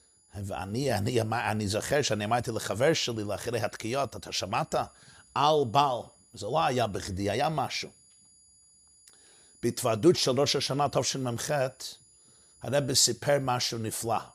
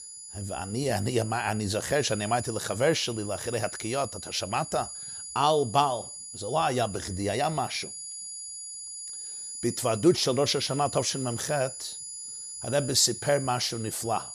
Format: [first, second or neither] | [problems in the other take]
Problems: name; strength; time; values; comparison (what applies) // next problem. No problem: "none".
first | high-pitched whine; loud; throughout; 10.5 kHz, 10 dB below the speech; faint in the first